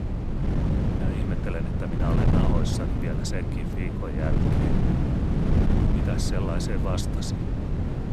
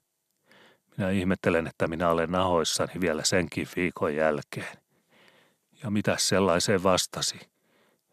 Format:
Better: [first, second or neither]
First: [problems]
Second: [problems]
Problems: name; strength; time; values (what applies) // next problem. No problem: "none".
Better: second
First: wind noise on the microphone; heavy; 2 dB above the speech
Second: none